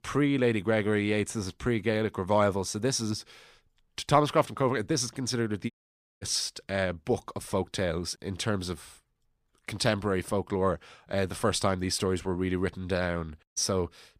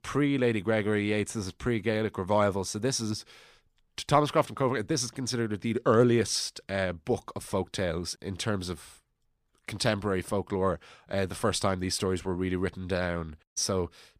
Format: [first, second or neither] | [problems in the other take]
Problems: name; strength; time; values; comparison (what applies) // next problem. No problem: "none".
second | audio cutting out; at 5.5 s for 0.5 s